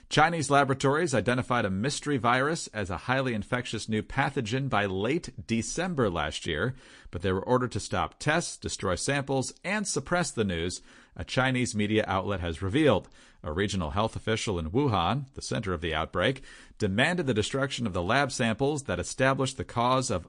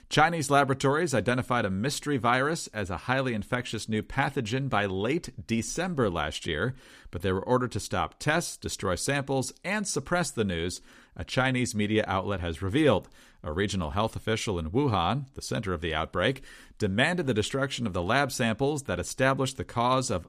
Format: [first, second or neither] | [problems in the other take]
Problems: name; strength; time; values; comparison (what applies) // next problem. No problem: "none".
second | garbled, watery; slightly